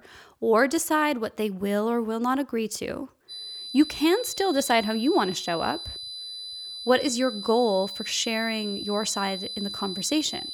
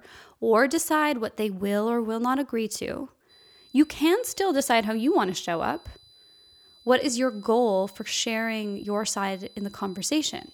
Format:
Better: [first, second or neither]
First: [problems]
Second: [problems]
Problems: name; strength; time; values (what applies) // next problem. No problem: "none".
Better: second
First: high-pitched whine; loud; from 3.5 s on; 4 kHz, 8 dB below the speech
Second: high-pitched whine; faint; from 3.5 s on; 4 kHz, 25 dB below the speech